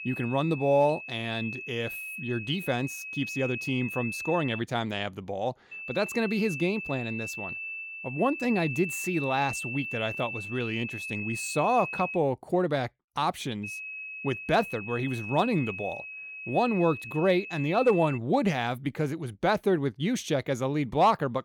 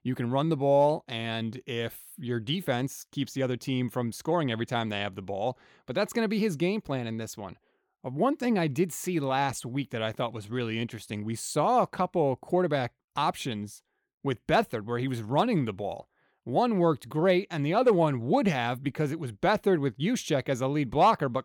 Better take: second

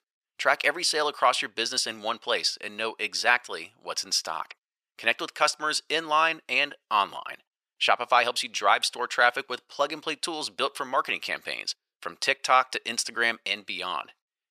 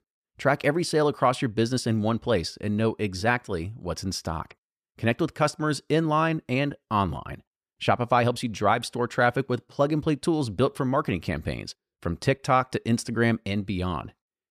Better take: second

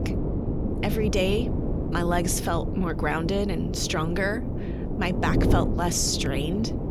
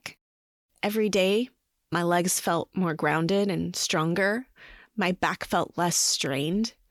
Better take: second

